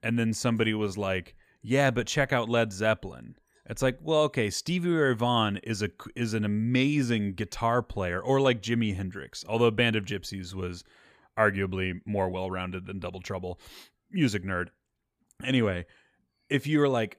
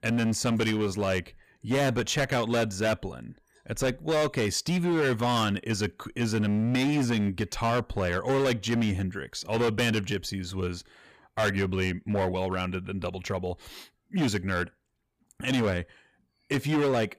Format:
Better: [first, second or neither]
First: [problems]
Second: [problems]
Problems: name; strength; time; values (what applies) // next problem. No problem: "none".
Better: first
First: none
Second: distortion; heavy; 13% of the sound clipped